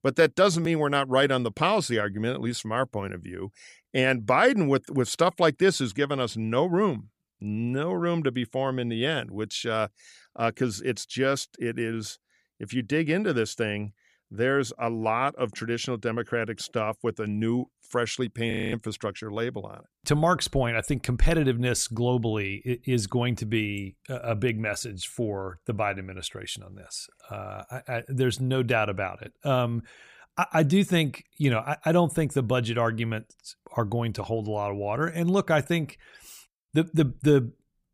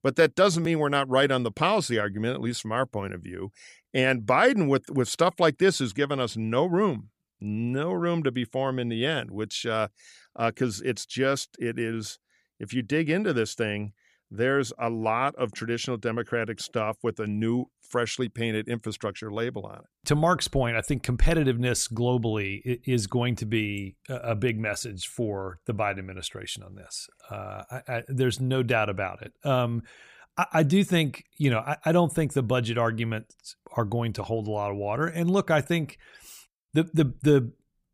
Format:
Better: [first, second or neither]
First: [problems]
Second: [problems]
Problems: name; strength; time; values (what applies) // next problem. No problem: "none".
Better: second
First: audio freezing; at 19 s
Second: none